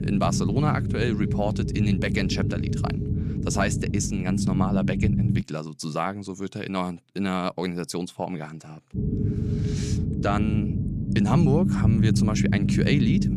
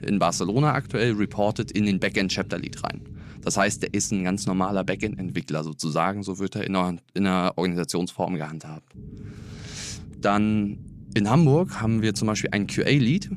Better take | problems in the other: second | low rumble; loud; until 5.5 s and from 9 s on; 4 dB below the speech; faint in the second

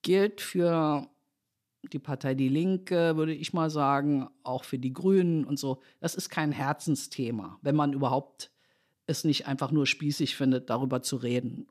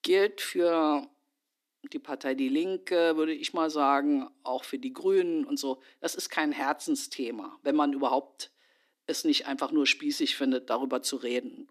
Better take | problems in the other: first | thin; very slightly; fading below 300 Hz

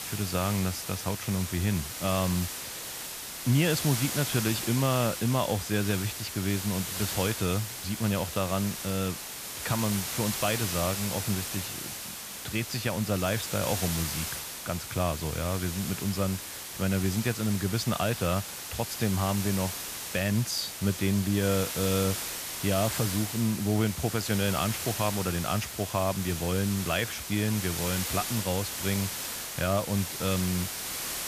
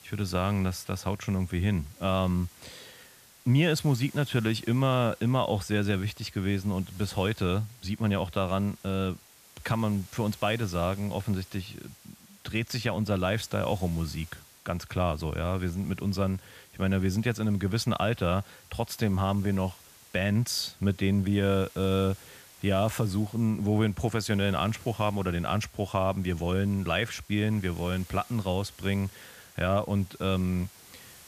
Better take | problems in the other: second | hiss; loud; throughout; 4 dB below the speech; faint in the second

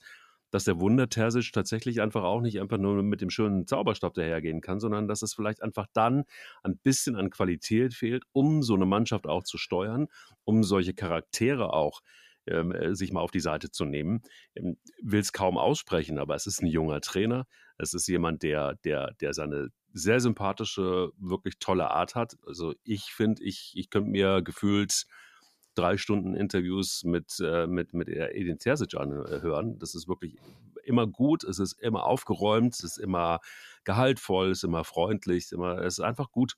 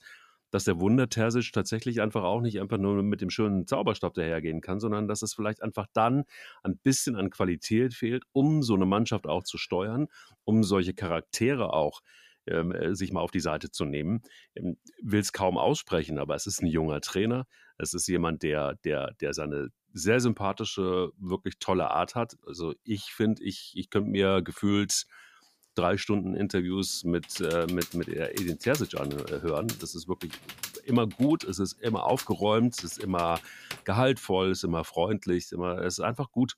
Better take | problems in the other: first | keyboard typing; noticeable; from 27 to 34 s; peak 9 dB below the speech

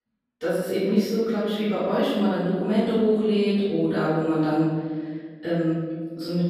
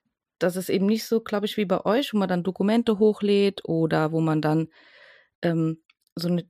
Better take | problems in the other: second | off-mic speech; far // room echo; strong; dies away in 1.6 s

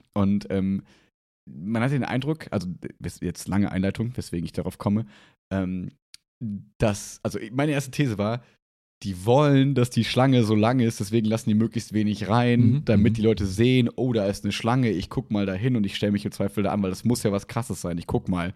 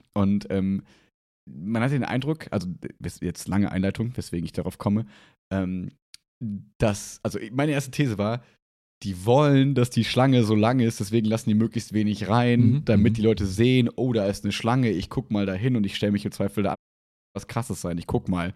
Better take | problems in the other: first | audio cutting out; at 17 s for 0.5 s

